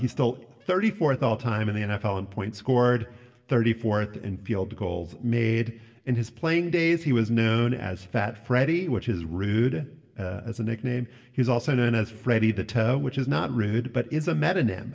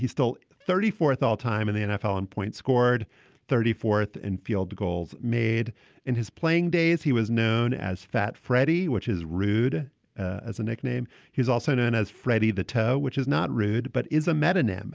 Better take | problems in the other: second | room echo; dies away in 0.7 s

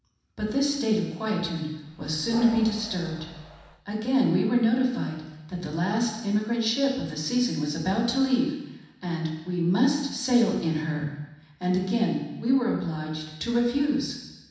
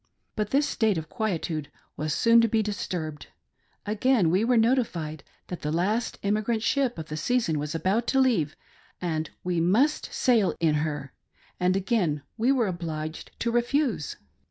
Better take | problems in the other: second | background sound (Train); 17 dB below the speech // room echo; dies away in 1.1 s

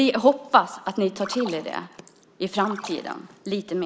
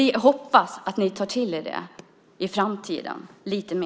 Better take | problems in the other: second | background sound (Splash, splatter); 16 dB below the speech

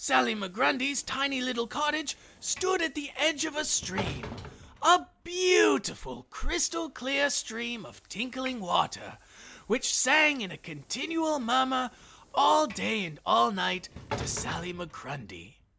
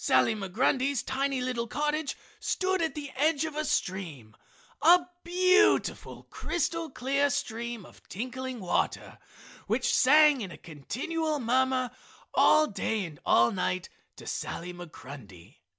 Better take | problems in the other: second | background sound (Sliding door / Train); 17 dB below the speech

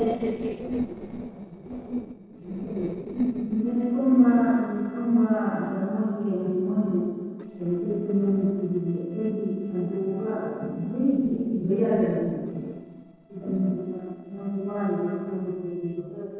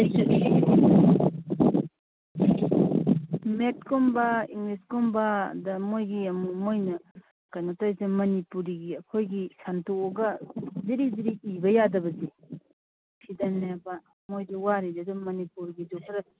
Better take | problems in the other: second | noise reduction (neural separator model SepFormer DNS4)

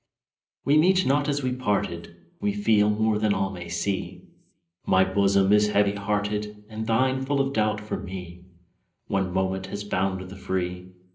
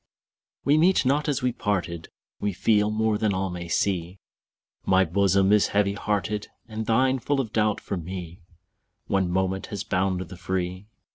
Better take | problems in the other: second | room echo; dies away in 0.5 s

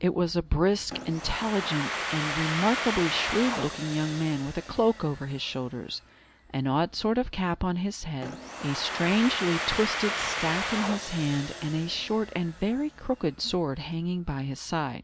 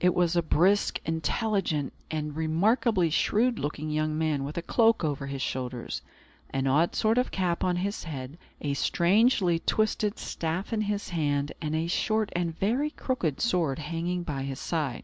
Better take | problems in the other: second | background sound (Domestic sounds, home sounds); 7 dB below the speech

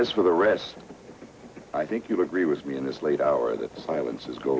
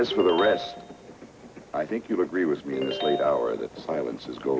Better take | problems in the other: first | background sound (Ringtone); 7 dB below the speech

